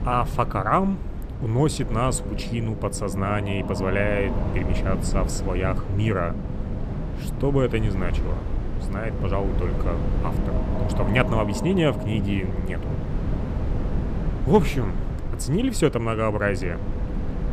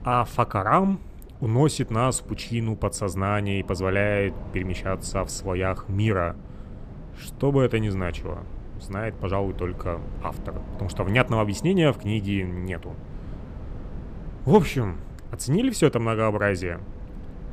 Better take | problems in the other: second | low rumble; loud; throughout; 9 dB below the speech; faint in the second

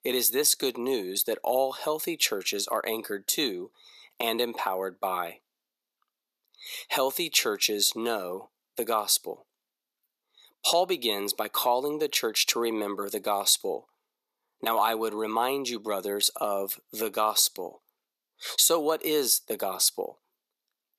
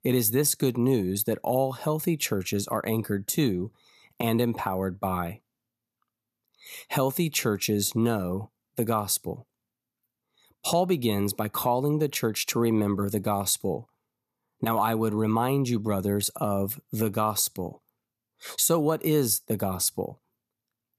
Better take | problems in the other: second | thin; somewhat; fading below 400 Hz

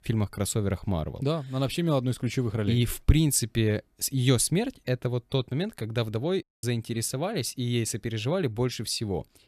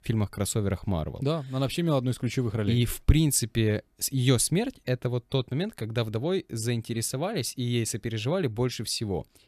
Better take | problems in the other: second | audio cutting out; at 6.5 s

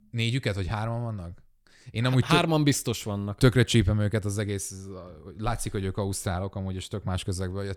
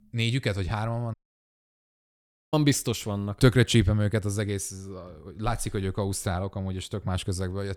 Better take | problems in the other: first | audio cutting out; at 1 s for 1.5 s

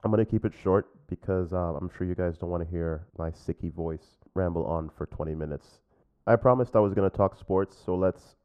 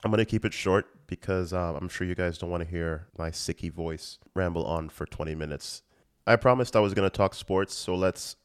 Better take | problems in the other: second | muffled; very; fading above 1.5 kHz

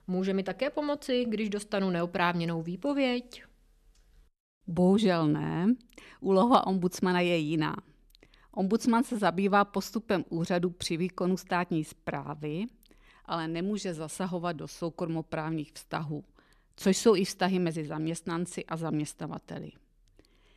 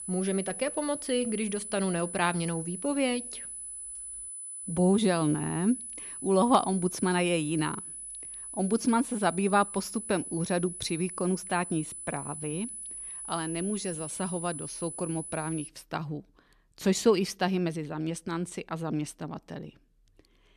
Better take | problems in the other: first | high-pitched whine; loud; until 16 s; 10 kHz, 8 dB below the speech

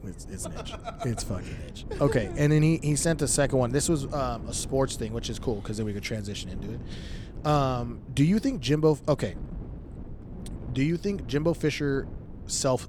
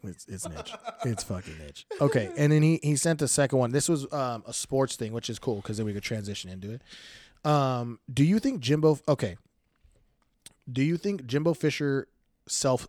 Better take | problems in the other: second | wind noise on the microphone; occasional gusts; 20 dB below the speech

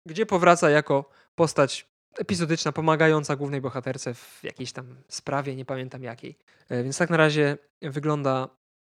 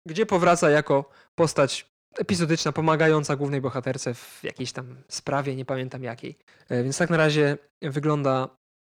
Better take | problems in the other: first | distortion; slight; 10 dB below the speech

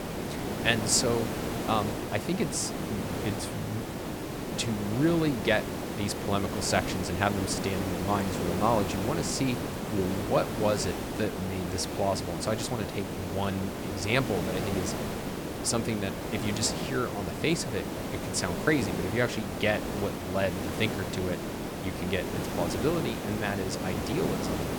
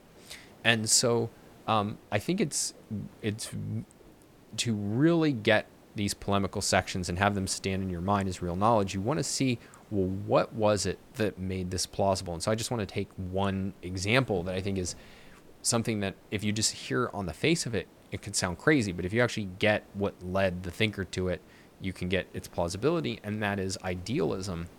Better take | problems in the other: second | hiss; loud; throughout; 3 dB below the speech; faint in the second

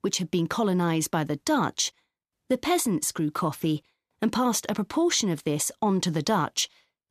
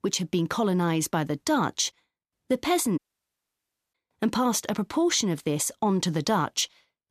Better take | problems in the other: first | audio cutting out; at 3 s for 1 s

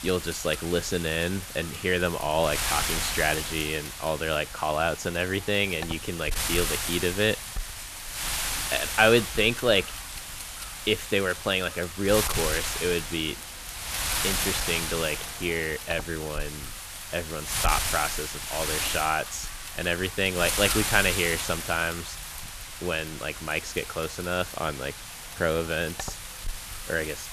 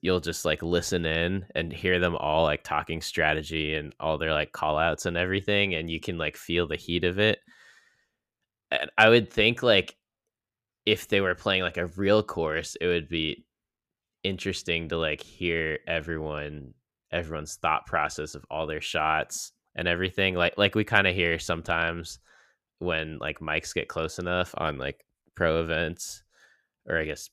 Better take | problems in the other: second | wind noise on the microphone; heavy; 5 dB below the speech

